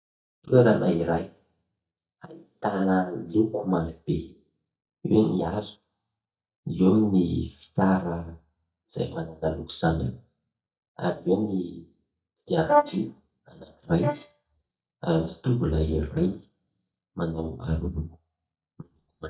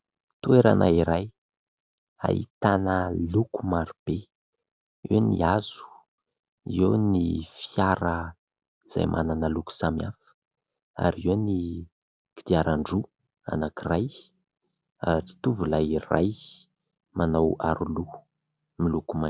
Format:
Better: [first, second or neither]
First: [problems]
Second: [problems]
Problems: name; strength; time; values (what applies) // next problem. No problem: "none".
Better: second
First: noise reduction (neural mask model DeepFilterNet 3)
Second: none